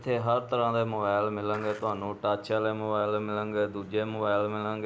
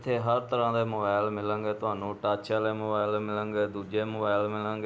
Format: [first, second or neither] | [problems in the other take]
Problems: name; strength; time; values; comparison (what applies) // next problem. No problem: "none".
second | background sound (Skateboard); 17 dB below the speech